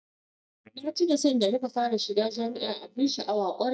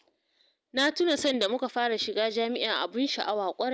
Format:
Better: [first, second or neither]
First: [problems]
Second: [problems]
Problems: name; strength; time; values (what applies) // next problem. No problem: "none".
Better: second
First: noise reduction (neural mask model DeepFilterNet 3)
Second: none